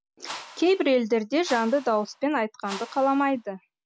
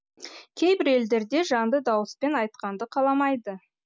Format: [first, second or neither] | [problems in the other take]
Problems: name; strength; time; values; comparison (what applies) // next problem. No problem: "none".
second | background sound (Whoosh, swoosh, swish); 18 dB below the speech